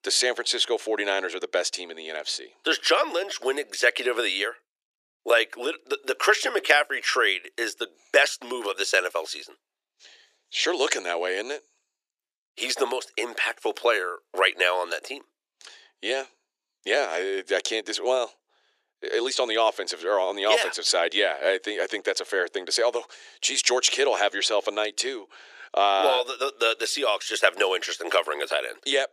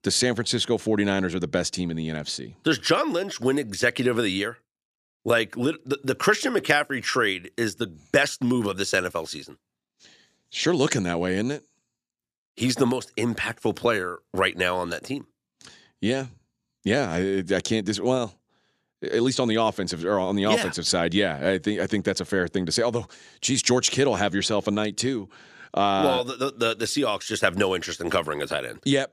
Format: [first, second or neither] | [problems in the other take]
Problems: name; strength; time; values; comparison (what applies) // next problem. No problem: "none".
second | thin; very; fading below 350 Hz